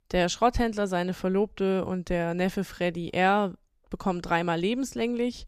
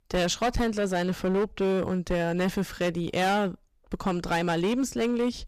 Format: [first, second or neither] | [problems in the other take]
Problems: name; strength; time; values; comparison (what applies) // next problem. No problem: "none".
first | distortion; heavy; 14% of the sound clipped